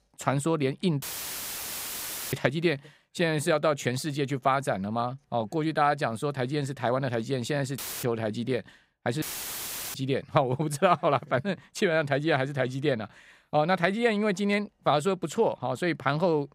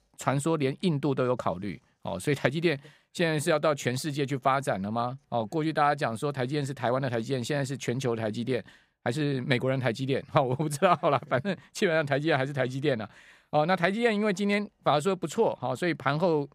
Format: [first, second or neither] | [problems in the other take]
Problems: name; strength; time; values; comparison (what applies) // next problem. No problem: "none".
second | audio cutting out; filled with static; at 1 s for 1.5 s, at 8 s and at 9 s for 0.5 s